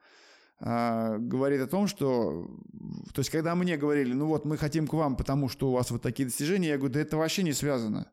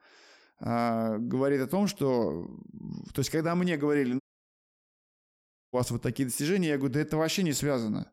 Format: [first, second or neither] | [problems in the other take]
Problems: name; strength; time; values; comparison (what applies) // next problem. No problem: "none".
first | audio cutting out; at 4 s for 1.5 s